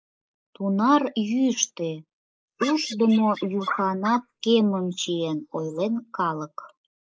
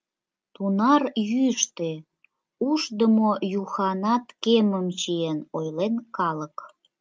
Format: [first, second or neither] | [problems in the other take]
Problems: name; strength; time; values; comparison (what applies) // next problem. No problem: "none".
second | noise reduction (neural mask model Resemble Enhance denoiser)